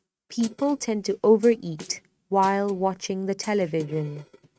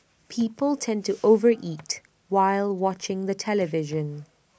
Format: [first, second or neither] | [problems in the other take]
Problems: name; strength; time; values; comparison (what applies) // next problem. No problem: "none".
second | noise reduction (neural mask model RNNoise)